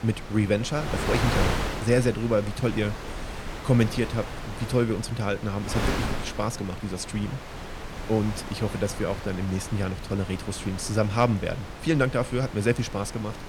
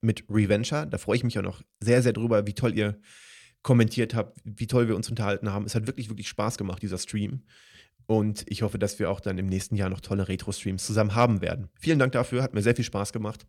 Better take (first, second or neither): second